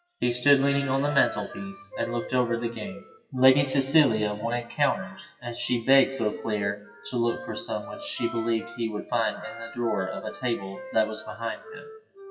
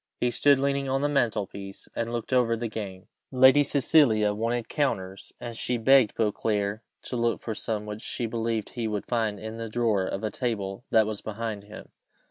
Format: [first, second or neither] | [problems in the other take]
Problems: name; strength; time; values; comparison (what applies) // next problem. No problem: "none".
second | noise reduction (classical method WPE with log-MMSE)